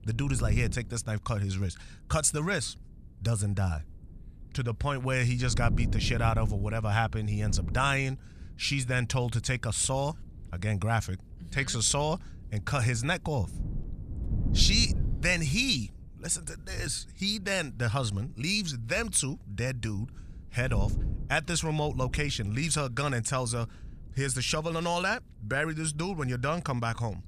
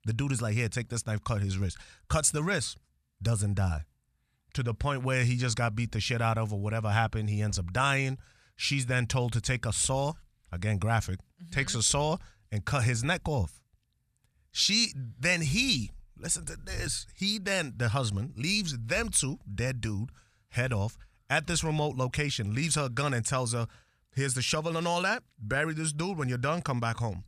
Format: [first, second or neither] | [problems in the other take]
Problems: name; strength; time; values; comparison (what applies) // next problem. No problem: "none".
second | wind noise on the microphone; occasional gusts; 20 dB below the speech